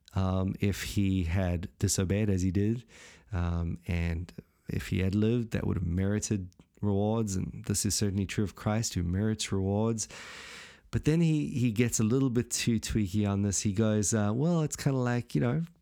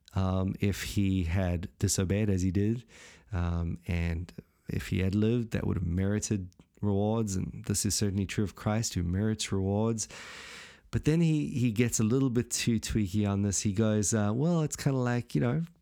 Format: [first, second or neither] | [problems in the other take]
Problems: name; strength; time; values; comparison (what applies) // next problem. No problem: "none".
neither | none